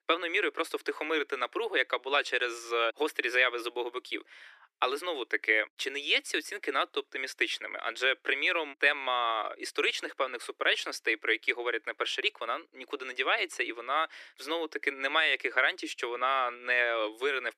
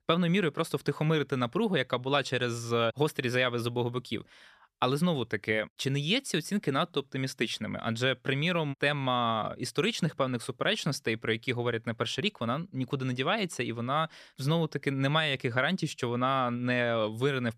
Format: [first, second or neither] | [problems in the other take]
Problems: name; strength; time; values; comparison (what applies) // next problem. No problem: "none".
second | thin; very; fading below 300 Hz